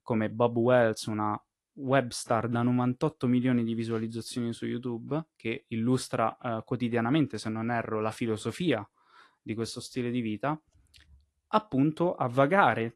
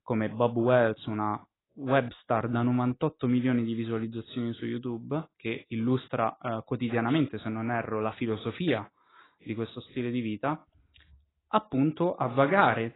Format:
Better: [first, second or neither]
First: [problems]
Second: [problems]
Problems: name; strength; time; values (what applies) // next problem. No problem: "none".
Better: first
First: garbled, watery; slightly; nothing above 11.5 kHz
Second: garbled, watery; badly; nothing above 4 kHz